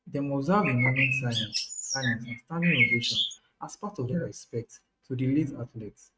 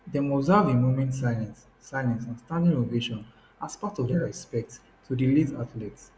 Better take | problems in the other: second | noise reduction (neural mask model RNNoise)

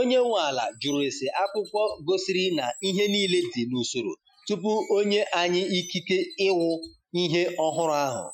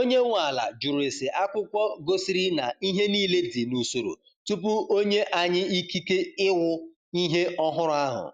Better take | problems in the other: second | noise reduction (classical method Wiener filter)

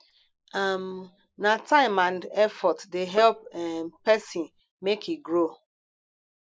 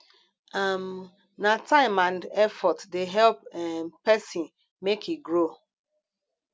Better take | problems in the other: second | noise reduction (neural mask model Resemble Enhance denoiser)

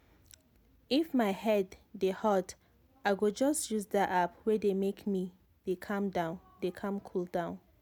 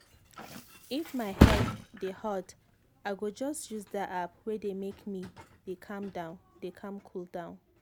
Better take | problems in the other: first | background sound (Thump, thud); 4 dB above the speech

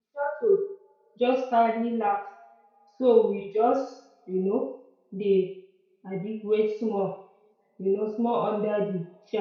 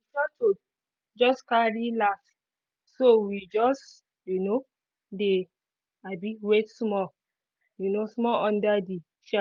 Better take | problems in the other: second | room echo; dies away in 0.6 s

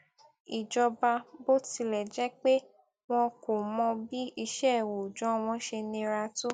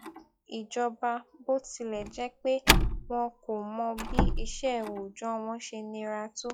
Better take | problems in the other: first | noise reduction (classical method log-MMSE)

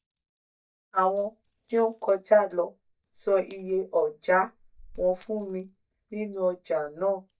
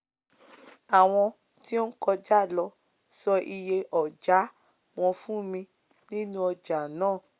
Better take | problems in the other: second | noise reduction (neural mask model DeepFilterNet 3)

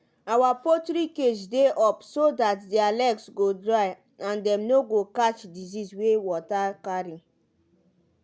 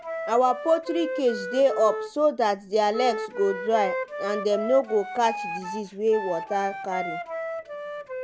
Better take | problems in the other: first | background sound (Wind instrument, woodwind instrument); 8 dB below the speech

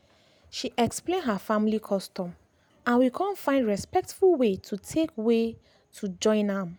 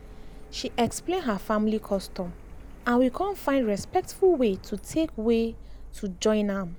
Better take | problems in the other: first | background sound (Printer); 15 dB below the speech

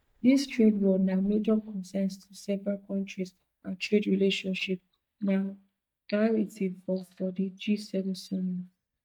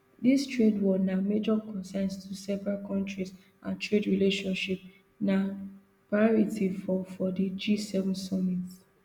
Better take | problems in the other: second | noise reduction (neural mask model DeepFilterNet 3)

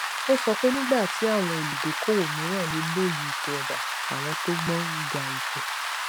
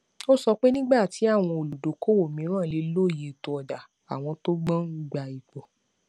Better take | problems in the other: second | background sound (Rain); 2 dB below the speech

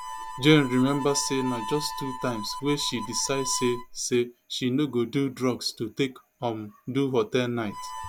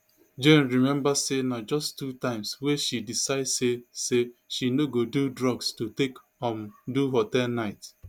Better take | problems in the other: second | background sound (Harmonica); 12 dB below the speech

